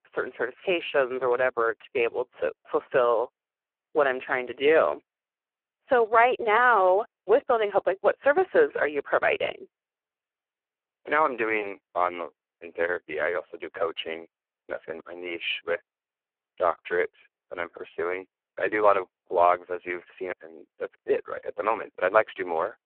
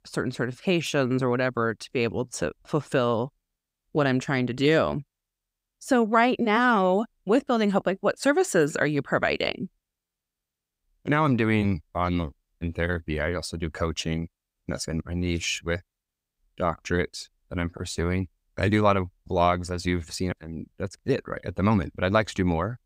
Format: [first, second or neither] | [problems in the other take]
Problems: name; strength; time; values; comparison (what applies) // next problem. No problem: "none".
second | phone-call audio; poor line